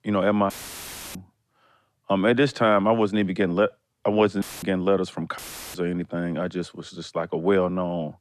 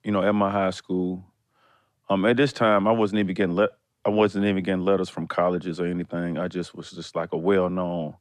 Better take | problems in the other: second | audio cutting out; filled with static; at 0.5 s for 0.5 s, at 4.5 s and at 5.5 s

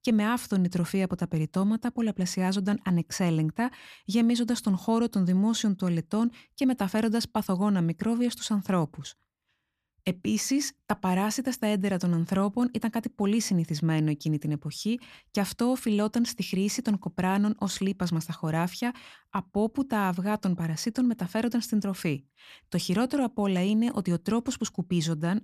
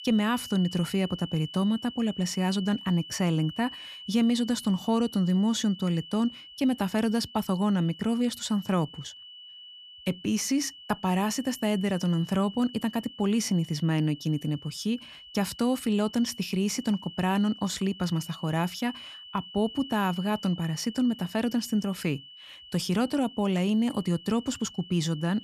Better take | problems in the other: first | high-pitched whine; noticeable; throughout; 3 kHz, 15 dB below the speech

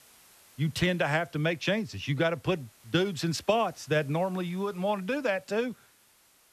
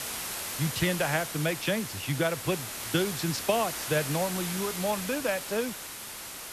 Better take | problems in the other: first | hiss; loud; throughout; 4 dB below the speech; faint in the first

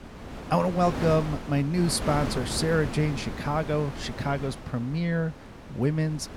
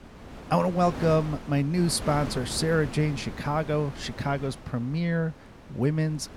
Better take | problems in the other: second | wind noise on the microphone; heavy; 9 dB below the speech; occasional gusts in the second

